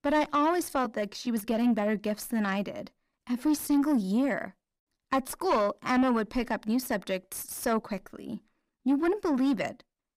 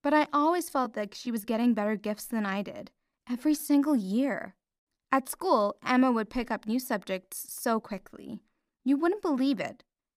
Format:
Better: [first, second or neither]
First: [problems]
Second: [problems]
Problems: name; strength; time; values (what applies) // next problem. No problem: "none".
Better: second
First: distortion; slight; 10 dB below the speech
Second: none